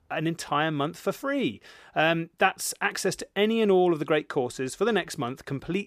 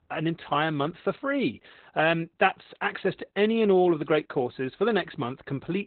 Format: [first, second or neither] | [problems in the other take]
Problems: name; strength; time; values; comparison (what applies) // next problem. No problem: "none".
first | garbled, watery; badly; nothing above 4 kHz